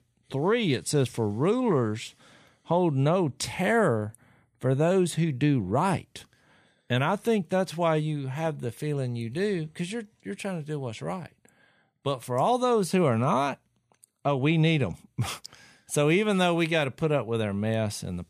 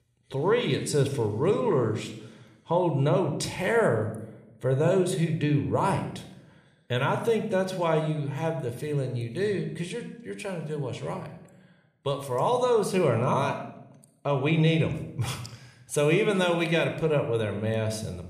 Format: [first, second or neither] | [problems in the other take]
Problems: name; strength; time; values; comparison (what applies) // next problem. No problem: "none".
first | room echo; slight; dies away in 0.7 s